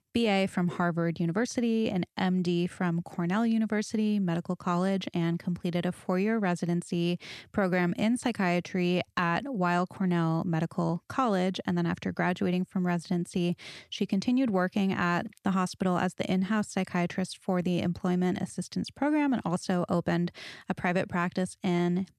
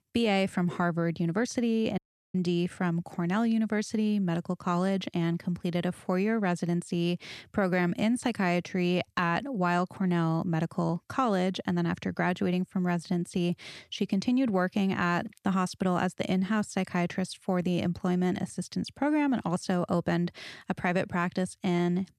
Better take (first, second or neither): first